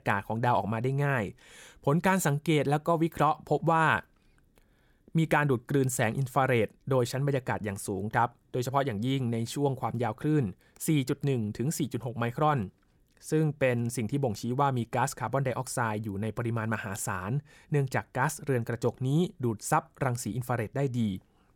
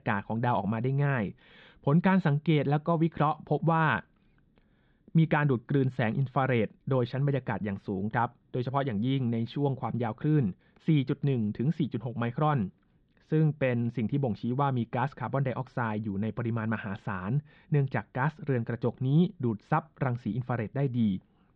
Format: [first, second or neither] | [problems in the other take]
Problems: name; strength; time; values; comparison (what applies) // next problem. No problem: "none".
first | muffled; very; fading above 3.5 kHz